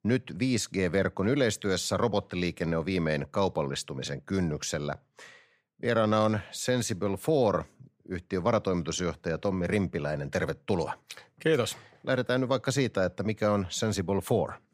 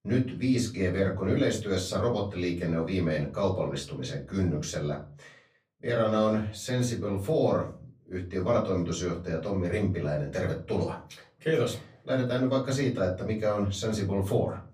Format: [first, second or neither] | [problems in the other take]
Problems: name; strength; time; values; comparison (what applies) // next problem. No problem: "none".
first | room echo; slight; dies away in 0.4 s // off-mic speech; far